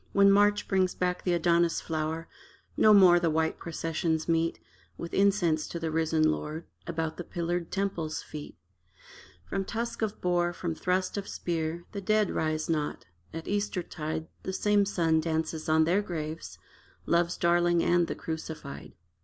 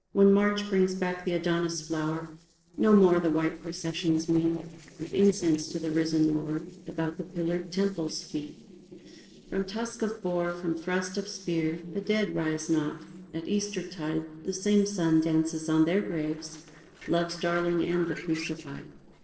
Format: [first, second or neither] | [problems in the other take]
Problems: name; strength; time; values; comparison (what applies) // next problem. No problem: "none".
first | noise reduction (neural separator model SepFormer DNS4)